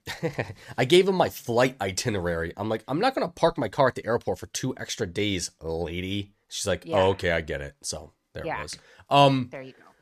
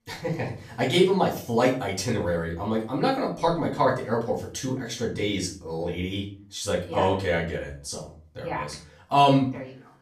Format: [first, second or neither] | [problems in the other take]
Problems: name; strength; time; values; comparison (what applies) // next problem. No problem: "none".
first | off-mic speech; far // room echo; slight; dies away in 0.4 s